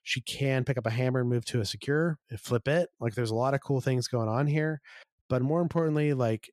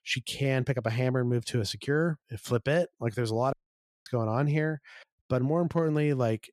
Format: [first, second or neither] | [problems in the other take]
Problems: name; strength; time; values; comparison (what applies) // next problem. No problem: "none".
first | audio cutting out; at 3.5 s for 0.5 s